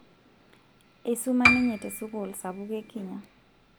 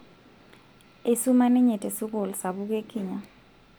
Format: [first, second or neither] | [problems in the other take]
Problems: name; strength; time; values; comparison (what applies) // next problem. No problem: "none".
second | background sound (Piano); 3 dB above the speech